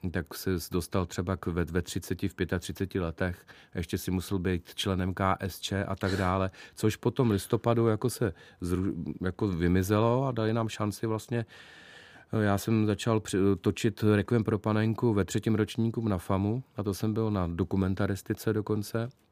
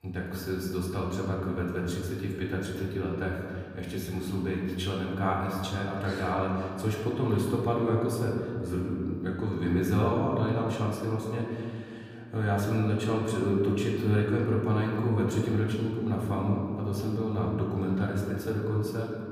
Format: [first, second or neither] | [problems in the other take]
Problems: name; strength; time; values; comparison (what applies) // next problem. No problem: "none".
first | room echo; noticeable; dies away in 2.3 s // off-mic speech; far